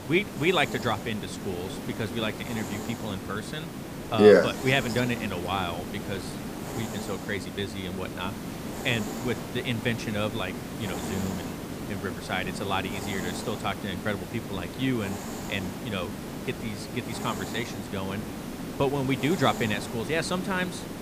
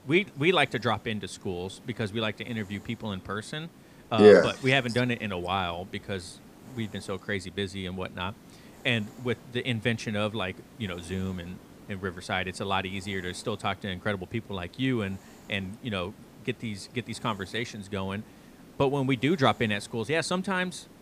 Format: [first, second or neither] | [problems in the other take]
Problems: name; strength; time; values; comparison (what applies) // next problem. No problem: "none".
second | hiss; loud; throughout; 7 dB below the speech; faint in the second